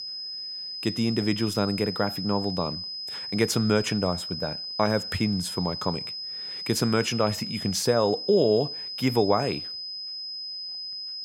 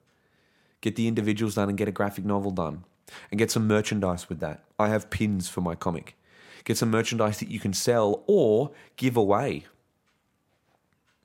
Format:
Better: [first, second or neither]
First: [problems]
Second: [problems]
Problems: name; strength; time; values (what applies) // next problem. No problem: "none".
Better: second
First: high-pitched whine; loud; throughout; 5 kHz, 6 dB below the speech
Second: none